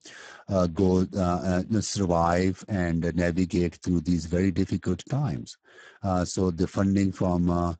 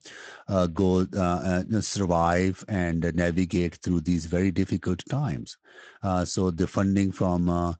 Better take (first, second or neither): second